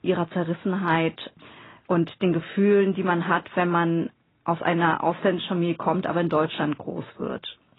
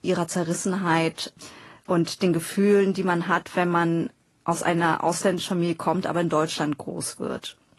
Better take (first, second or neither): second